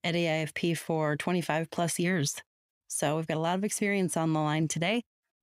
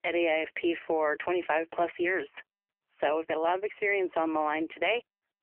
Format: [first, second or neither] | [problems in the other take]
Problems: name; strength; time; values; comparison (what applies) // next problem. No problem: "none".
first | phone-call audio; poor line; nothing above 3 kHz